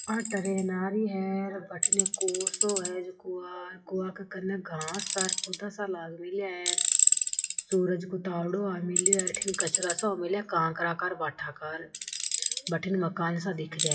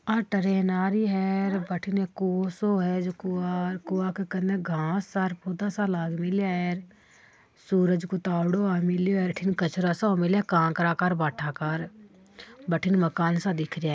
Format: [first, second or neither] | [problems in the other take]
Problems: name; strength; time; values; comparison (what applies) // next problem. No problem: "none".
second | noise reduction (classical method WPE with log-MMSE)